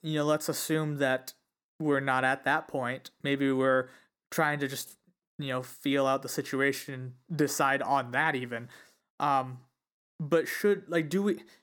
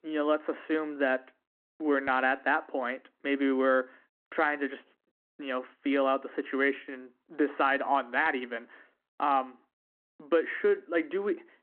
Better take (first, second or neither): first